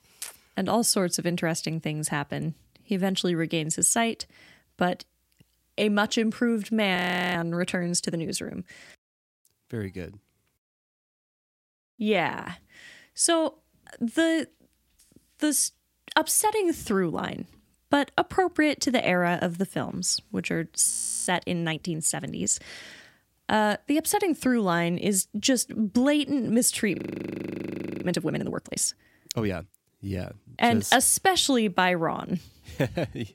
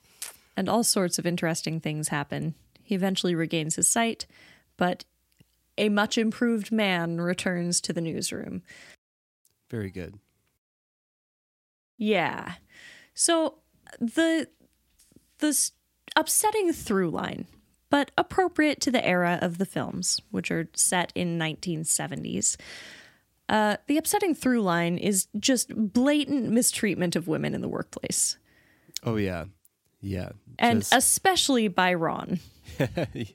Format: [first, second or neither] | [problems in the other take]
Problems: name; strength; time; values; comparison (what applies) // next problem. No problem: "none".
second | audio freezing; at 7 s, at 21 s and at 27 s for 1 s